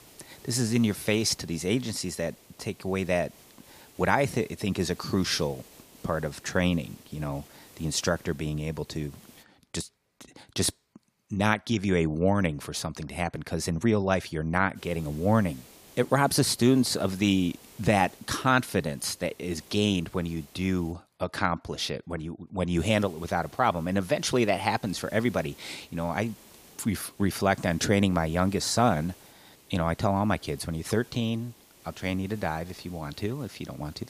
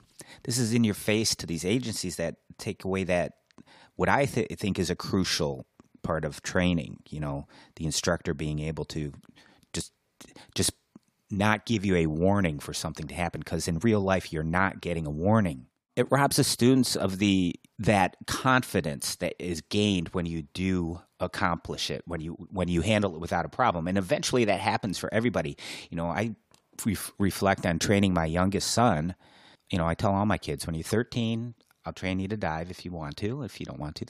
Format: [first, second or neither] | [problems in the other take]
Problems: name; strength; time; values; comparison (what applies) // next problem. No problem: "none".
second | hiss; faint; until 9.5 s, from 15 to 21 s and from 23 s on; 25 dB below the speech